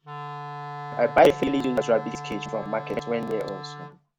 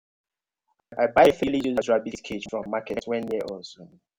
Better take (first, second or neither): second